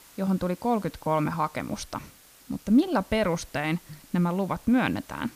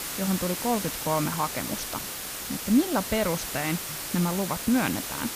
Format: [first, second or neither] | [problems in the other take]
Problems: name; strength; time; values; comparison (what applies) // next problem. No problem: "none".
first | hiss; loud; throughout; 4 dB below the speech; faint in the first